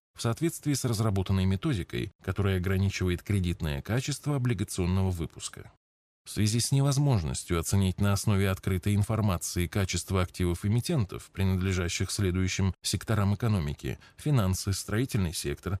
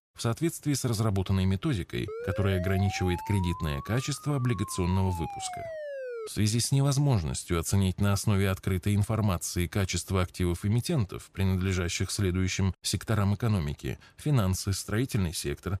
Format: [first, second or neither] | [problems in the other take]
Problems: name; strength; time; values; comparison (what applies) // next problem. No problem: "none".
first | siren; noticeable; from 2 to 6.5 s; peak 8 dB below the speech